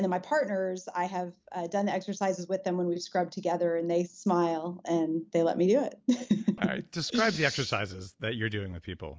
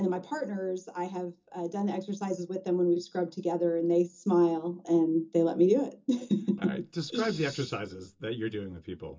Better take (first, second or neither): first